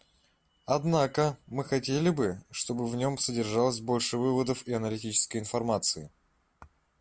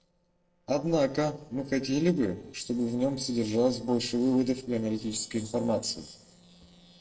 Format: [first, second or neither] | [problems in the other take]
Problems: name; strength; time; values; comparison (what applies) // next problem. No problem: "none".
first | noise reduction (neural separator model SepFormer DNS4)